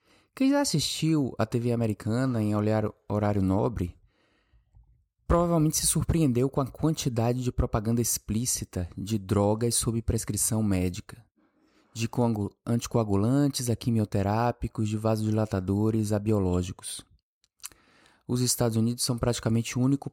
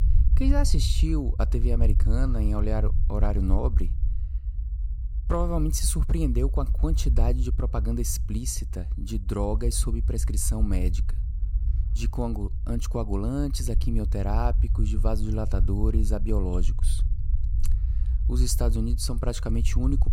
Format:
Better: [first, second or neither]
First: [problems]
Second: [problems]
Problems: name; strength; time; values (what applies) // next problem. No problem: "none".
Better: first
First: none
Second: low rumble; noticeable; throughout; 15 dB below the speech